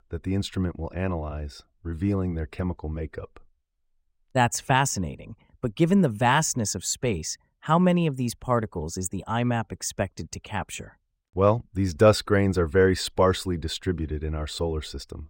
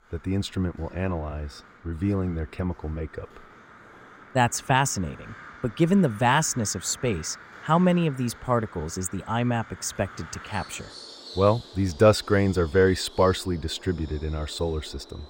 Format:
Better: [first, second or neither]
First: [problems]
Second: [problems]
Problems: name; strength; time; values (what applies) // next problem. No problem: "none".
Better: first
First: none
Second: animal sounds; noticeable; throughout; 20 dB below the speech